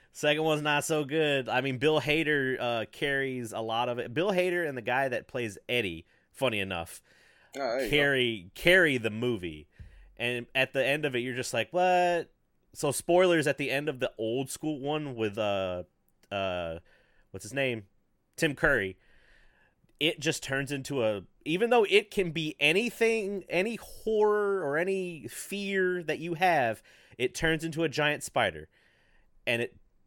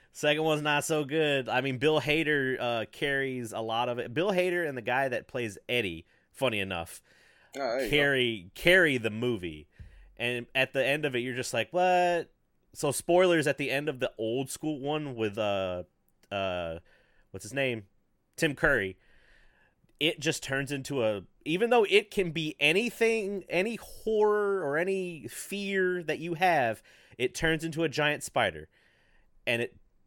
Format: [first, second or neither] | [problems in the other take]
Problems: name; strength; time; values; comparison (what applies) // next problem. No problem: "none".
neither | none